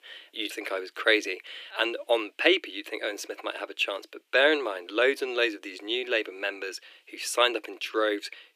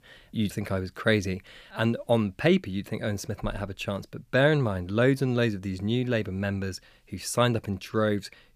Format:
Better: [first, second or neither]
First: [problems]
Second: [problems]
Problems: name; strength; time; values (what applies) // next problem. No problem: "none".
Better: second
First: thin; very; fading below 300 Hz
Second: none